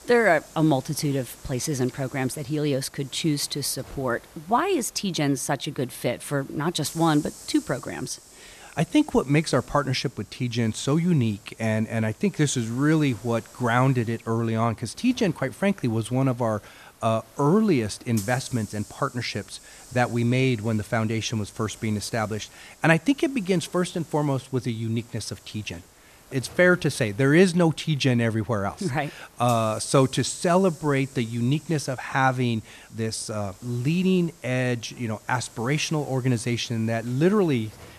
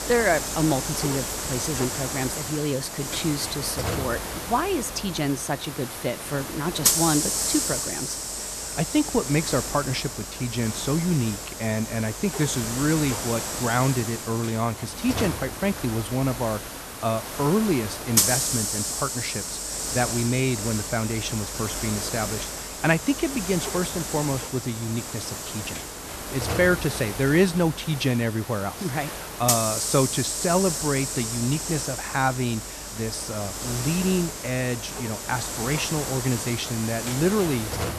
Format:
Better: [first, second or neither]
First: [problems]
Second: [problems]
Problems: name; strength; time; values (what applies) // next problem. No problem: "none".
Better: first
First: hiss; faint; throughout; 20 dB below the speech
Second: hiss; loud; throughout; 2 dB below the speech